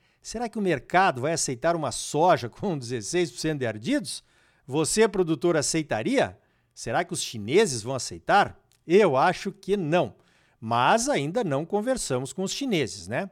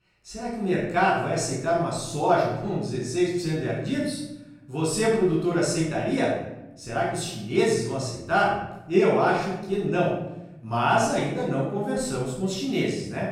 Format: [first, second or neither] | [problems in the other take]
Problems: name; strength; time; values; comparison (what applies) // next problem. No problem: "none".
first | off-mic speech; far // room echo; noticeable; dies away in 0.9 s